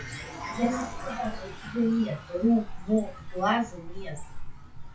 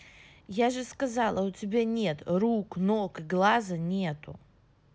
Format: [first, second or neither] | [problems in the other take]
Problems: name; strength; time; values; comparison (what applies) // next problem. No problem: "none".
second | noise reduction (classical method WPE with log-MMSE)